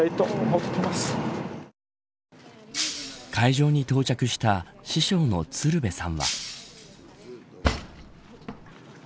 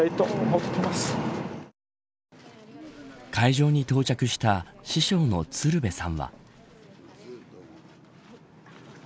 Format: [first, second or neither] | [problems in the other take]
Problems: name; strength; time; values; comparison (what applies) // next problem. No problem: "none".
second | background sound (Cutlery, silverware / Drawer open or close + Shatter); 6 dB below the speech